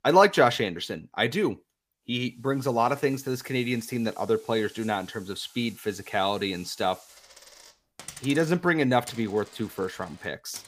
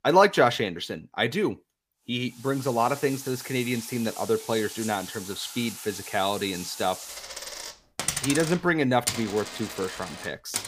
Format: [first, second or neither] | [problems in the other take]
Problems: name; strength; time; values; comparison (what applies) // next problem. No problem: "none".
first | household noises; loud; from 2.5 s on; 8 dB below the speech; faint in the first